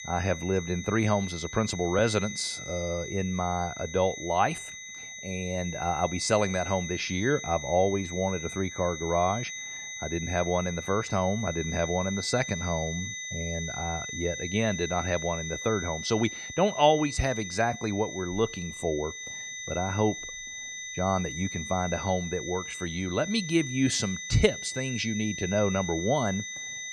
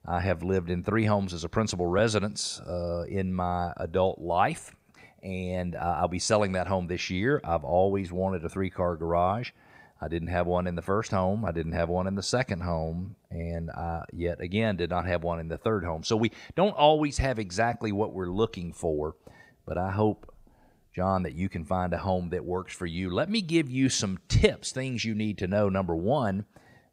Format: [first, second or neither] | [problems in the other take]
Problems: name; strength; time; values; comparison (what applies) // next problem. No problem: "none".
second | high-pitched whine; loud; throughout; 2 kHz, 7 dB below the speech